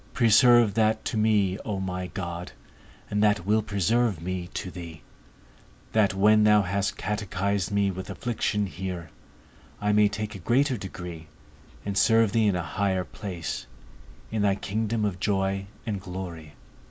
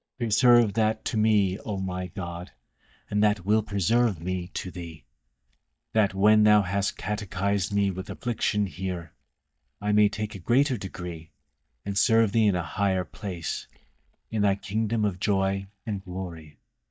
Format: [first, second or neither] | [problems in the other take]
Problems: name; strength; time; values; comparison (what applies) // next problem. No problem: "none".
first | noise reduction (neural mask model DeepFilterNet 3)